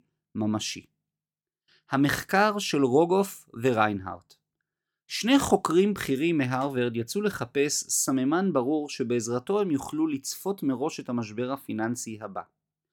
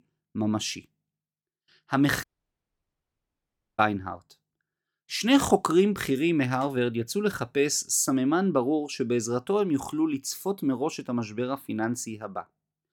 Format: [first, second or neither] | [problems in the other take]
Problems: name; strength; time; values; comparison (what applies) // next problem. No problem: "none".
first | audio cutting out; at 2 s for 1.5 s